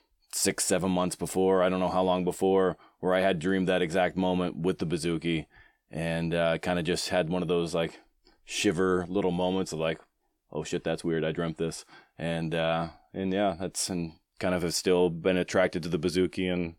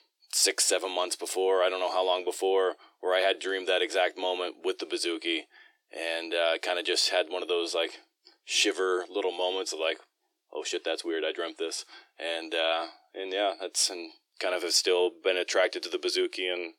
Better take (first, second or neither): first